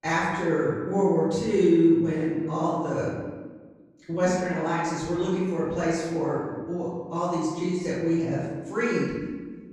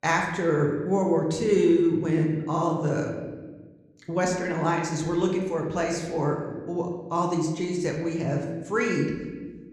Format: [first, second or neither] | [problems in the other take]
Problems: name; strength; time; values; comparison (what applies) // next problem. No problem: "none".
second | room echo; strong; dies away in 1.3 s; slight in the second // off-mic speech; far; somewhat distant in the second